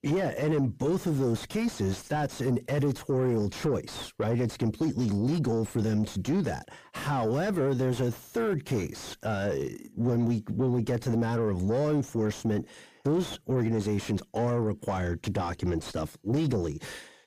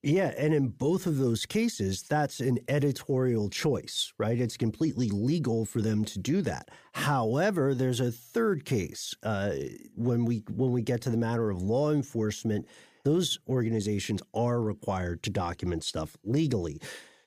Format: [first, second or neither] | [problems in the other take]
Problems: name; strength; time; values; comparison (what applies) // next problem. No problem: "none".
second | distortion; slight; 10 dB below the speech